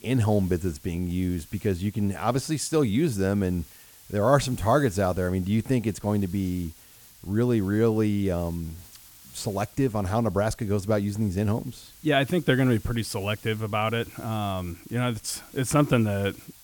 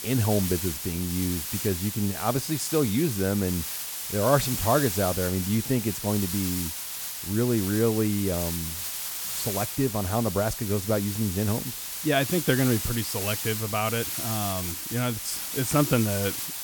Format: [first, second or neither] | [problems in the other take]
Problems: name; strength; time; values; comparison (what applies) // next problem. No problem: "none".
first | hiss; loud; throughout; 3 dB below the speech; faint in the first